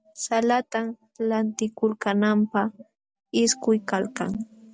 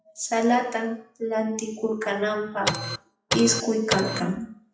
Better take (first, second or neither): first